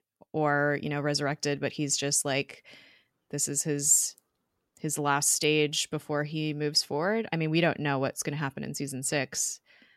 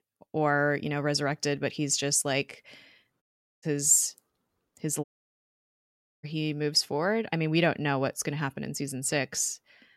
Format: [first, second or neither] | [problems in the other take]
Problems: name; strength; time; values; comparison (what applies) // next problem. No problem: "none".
first | audio cutting out; at 3 s and at 5 s for 1 s